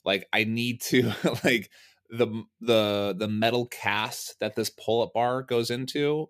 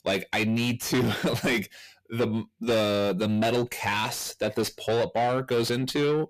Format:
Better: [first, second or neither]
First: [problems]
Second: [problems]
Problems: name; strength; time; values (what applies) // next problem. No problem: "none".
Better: first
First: none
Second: distortion; heavy; 7 dB below the speech